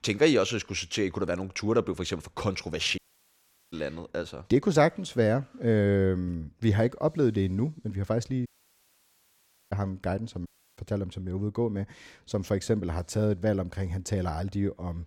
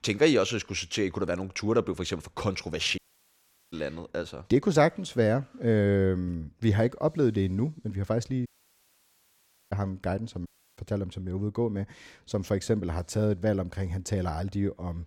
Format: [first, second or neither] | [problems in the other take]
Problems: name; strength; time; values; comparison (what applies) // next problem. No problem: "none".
neither | audio cutting out; at 3 s for 0.5 s, at 8.5 s for 1.5 s and at 10 s; the same in both